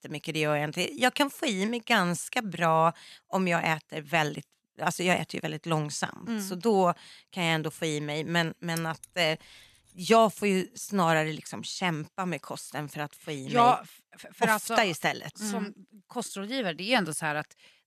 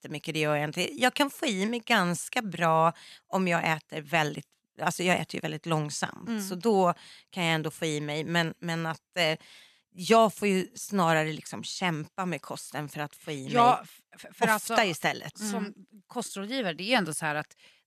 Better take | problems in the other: second | jangling keys; faint; at 9 s; peak 15 dB below the speech

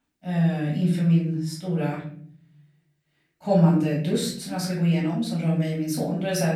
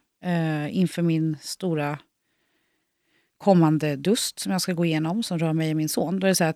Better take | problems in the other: second | off-mic speech; far // room echo; noticeable; dies away in 0.7 s

